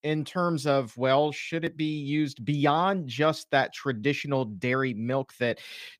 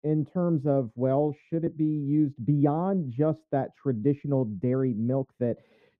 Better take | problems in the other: first | muffled; very; fading above 1.5 kHz

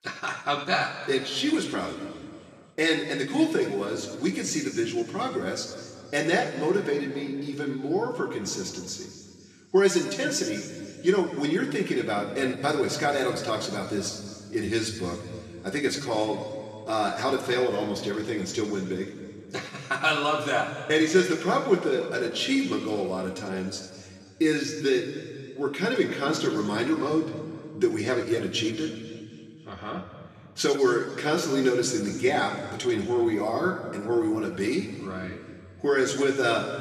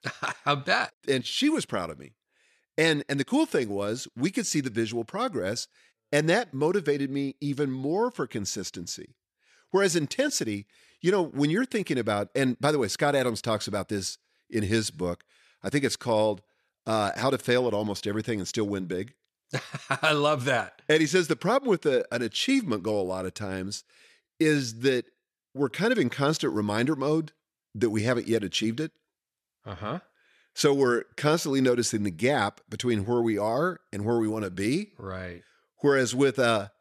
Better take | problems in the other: second | room echo; noticeable; dies away in 2.1 s // off-mic speech; somewhat distant

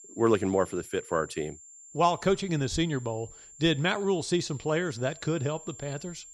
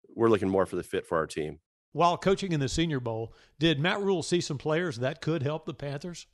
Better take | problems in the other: second | high-pitched whine; noticeable; throughout; 7.5 kHz, 20 dB below the speech

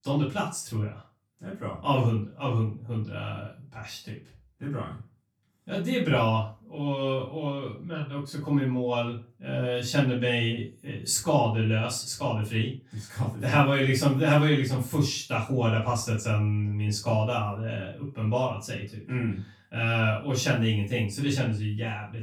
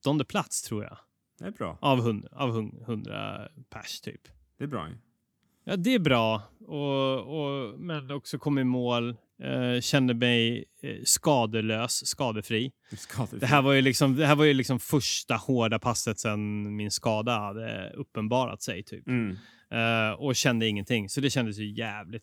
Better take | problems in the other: second | off-mic speech; far // room echo; slight; dies away in 0.3 s

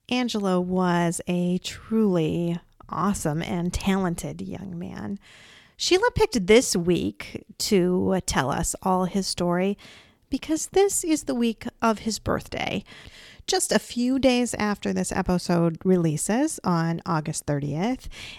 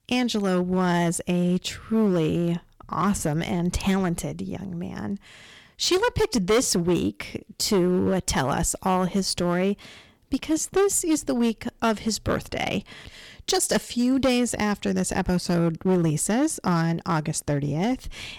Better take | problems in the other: first | distortion; slight; 6% of the sound clipped

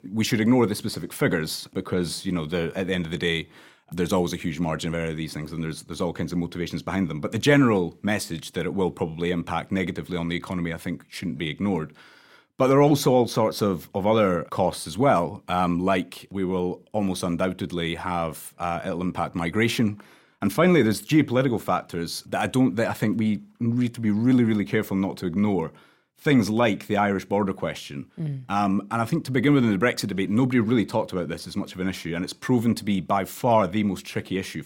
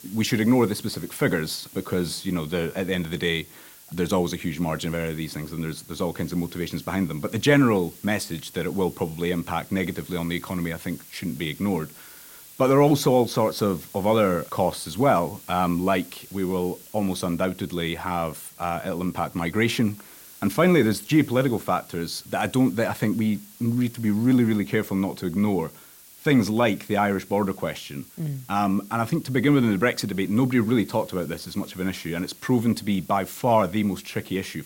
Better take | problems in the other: first | hiss; noticeable; throughout; 20 dB below the speech

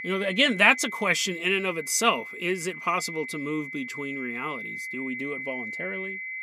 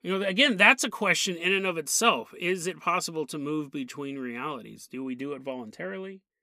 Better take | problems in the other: second | high-pitched whine; loud; throughout; 2 kHz, 9 dB below the speech

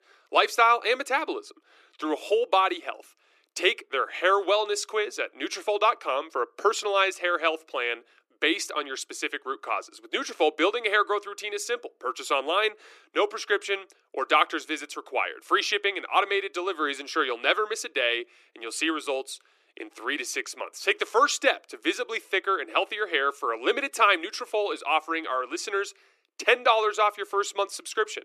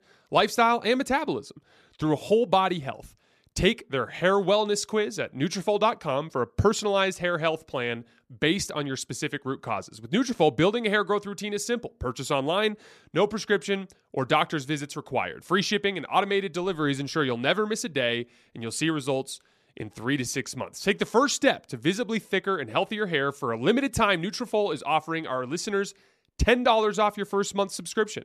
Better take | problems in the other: second | thin; very; fading below 300 Hz

